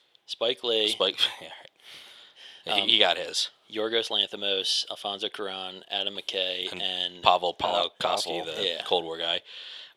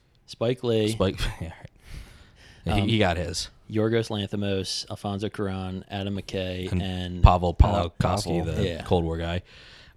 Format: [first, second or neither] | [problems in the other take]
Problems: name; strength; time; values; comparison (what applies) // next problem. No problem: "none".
second | thin; very; fading below 550 Hz